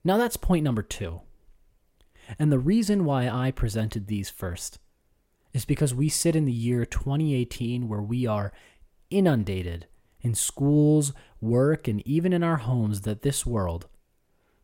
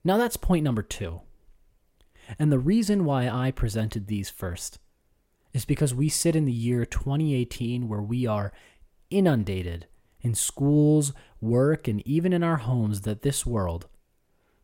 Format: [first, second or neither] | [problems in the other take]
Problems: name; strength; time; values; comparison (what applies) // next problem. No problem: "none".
neither | none